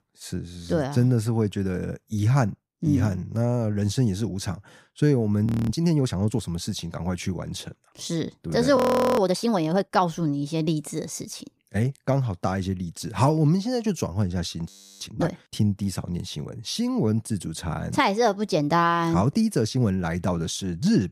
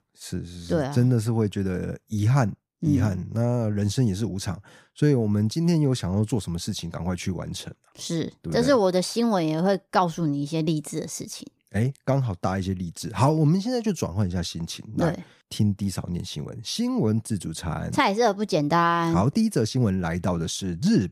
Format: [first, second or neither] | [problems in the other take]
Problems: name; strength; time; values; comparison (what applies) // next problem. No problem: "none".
second | audio freezing; at 5.5 s, at 9 s and at 15 s